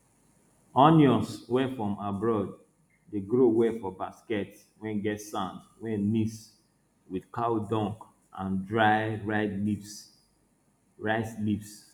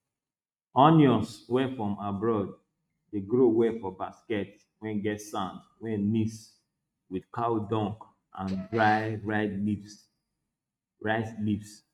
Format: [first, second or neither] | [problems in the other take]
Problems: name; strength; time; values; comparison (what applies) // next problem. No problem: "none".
first | noise reduction (neural mask model RNNoise)